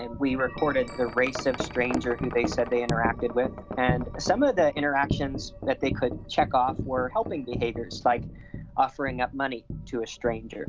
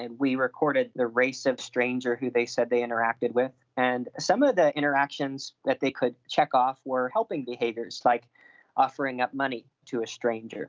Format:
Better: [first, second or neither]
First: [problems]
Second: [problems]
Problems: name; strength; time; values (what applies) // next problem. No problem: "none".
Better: second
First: background sound (Wind chime); 7 dB below the speech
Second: none